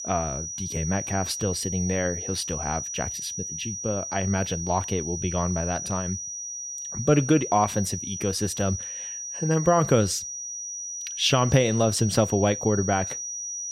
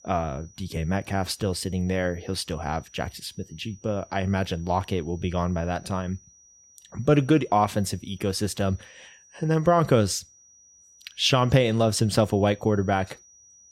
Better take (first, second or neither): second